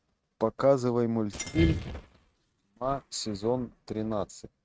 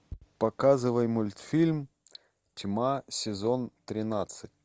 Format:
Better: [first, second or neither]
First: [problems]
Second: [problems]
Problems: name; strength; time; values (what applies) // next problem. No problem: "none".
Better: second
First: noise reduction (neural mask model RNNoise)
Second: none